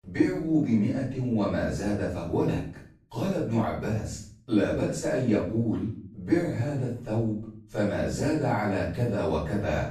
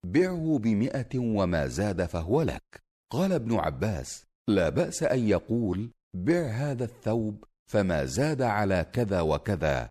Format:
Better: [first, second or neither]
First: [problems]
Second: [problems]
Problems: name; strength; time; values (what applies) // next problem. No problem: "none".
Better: second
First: off-mic speech; far // room echo; noticeable; dies away in 0.4 s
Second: none